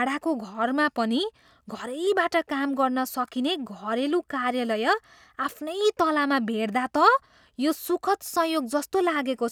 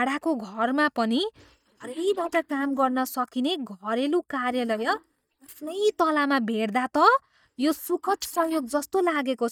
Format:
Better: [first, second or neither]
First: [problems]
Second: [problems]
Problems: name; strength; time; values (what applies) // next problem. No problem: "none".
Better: first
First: none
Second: noise reduction (neural mask model DeepFilterNet 3)